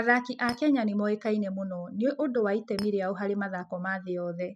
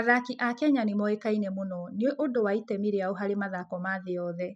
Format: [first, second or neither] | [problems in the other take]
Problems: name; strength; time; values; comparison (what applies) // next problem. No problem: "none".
second | background sound (Chink, clink); 17 dB below the speech